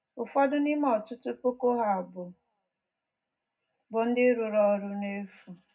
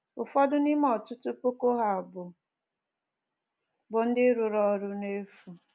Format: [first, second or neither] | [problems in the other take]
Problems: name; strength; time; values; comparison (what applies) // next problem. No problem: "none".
second | room echo; dies away in 0.3 s